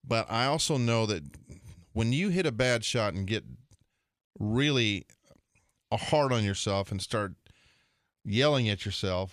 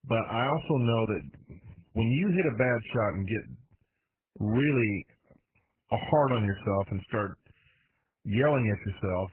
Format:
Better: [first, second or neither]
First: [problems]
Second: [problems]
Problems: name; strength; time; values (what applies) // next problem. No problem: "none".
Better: first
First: none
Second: garbled, watery; badly; nothing above 3 kHz